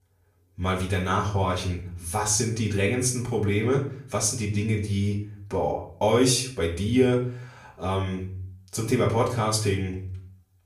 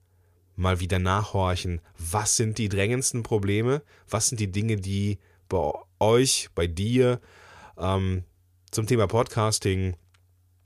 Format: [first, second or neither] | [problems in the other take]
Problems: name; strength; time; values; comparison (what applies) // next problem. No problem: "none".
second | off-mic speech; far // room echo; slight; dies away in 0.4 s